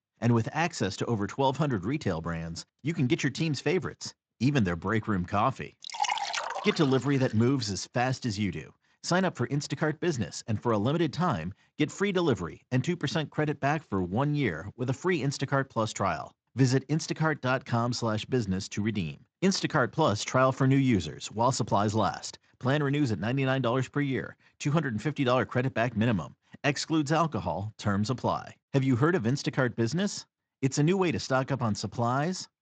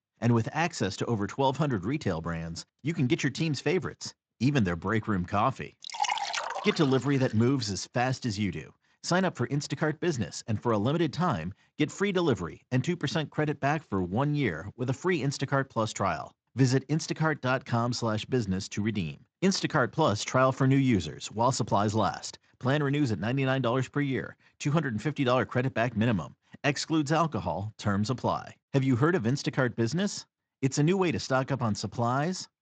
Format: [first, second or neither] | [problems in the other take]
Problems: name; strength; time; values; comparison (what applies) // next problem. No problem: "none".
neither | garbled, watery; slightly; nothing above 7.5 kHz; the same in both